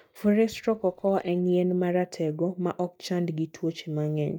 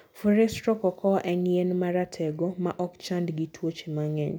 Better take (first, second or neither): second